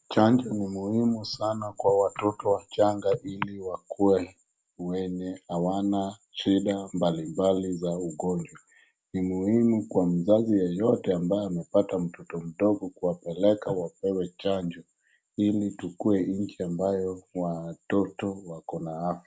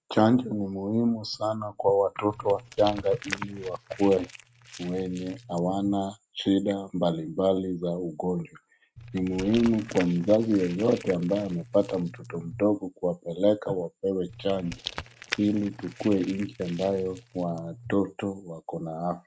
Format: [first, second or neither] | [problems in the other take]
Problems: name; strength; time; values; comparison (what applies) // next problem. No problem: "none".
first | noise reduction (neural mask model RNNoise)